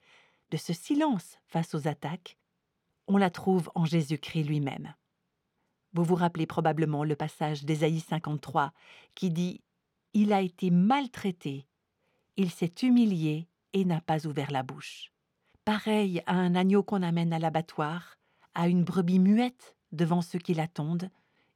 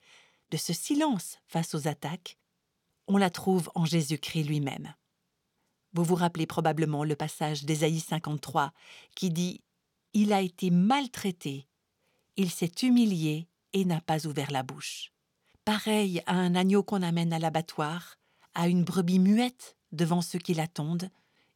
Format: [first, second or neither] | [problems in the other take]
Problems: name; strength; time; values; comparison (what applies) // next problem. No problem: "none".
second | muffled; slightly; fading above 3.5 kHz